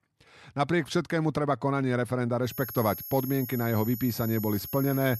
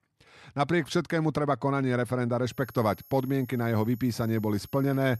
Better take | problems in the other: second | high-pitched whine; loud; from 2.5 s on; 11.5 kHz, 9 dB below the speech; faint in the second

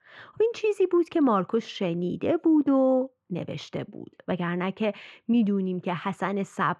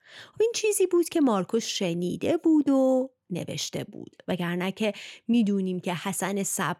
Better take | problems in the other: second | muffled; very; fading above 2.5 kHz

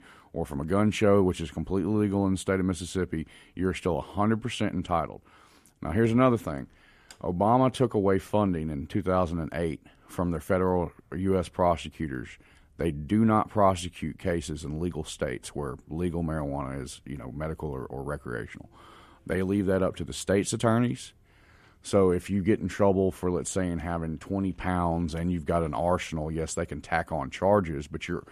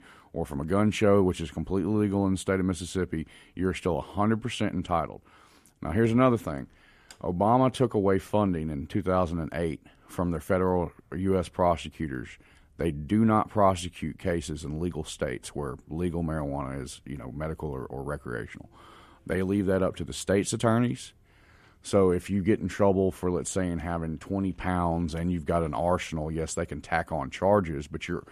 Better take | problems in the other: neither | none

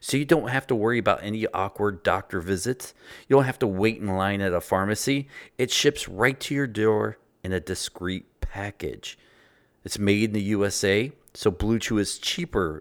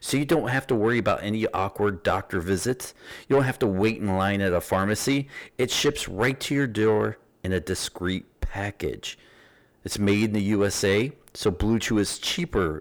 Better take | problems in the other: first | distortion; slight; 10 dB below the speech

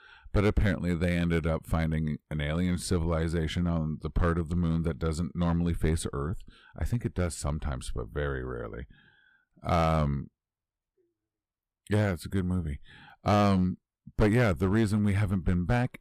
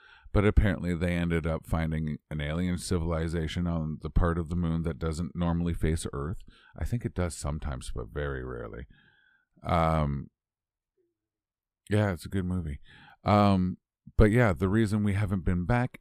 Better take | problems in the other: second | distortion; slight; 3% of the sound clipped

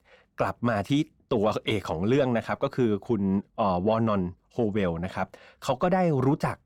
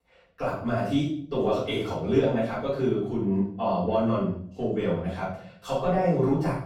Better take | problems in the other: first | room echo; noticeable; dies away in 0.5 s // off-mic speech; far

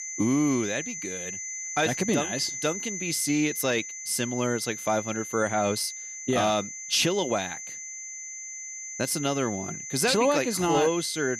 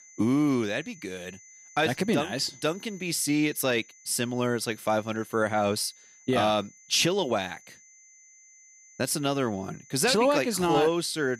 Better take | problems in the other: second | high-pitched whine; loud; throughout; 6 kHz, 7 dB below the speech; faint in the second

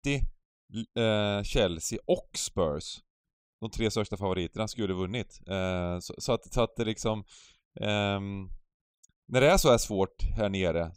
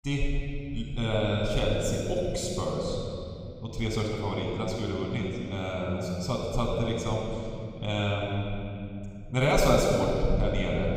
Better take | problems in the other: first | off-mic speech; far // room echo; noticeable; dies away in 3 s

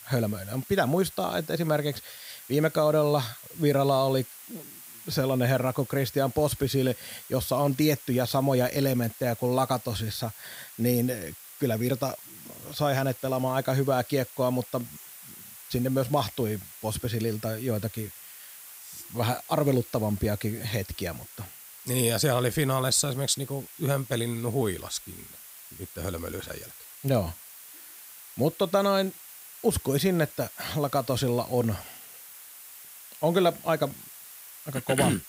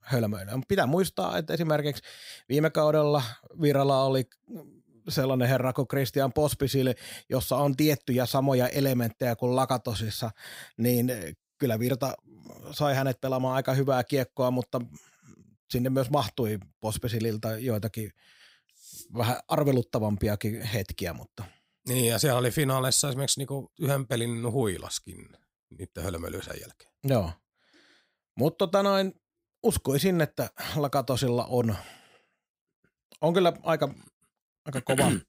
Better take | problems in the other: second | hiss; noticeable; throughout; 15 dB below the speech

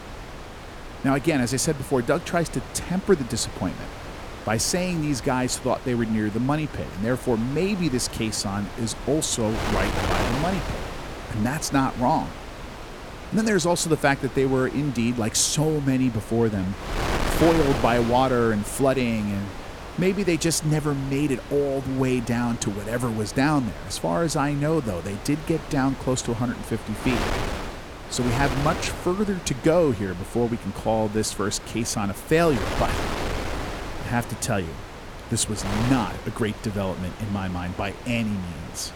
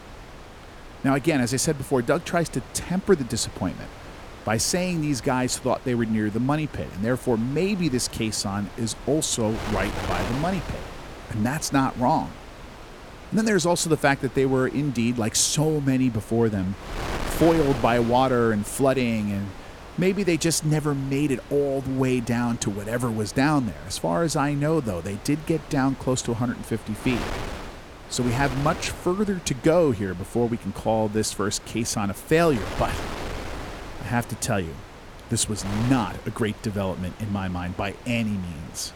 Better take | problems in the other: second | wind noise on the microphone; heavy; 8 dB below the speech; occasional gusts in the second

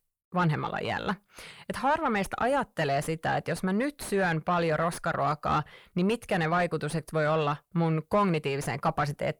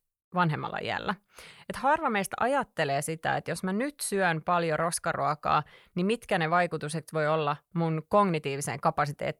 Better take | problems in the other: second | distortion; slight; 10 dB below the speech

